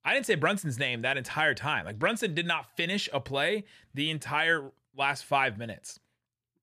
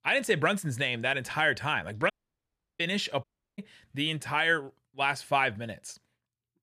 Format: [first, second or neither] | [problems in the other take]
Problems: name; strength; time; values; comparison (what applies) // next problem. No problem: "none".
first | audio cutting out; at 2 s for 0.5 s and at 3 s